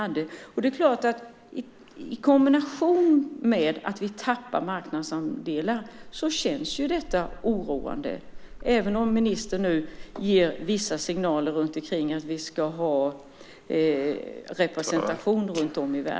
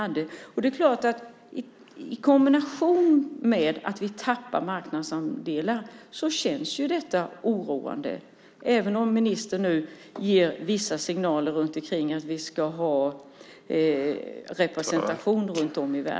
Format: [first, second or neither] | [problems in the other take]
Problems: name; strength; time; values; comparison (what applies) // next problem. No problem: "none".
second | background sound (Rain); 18 dB below the speech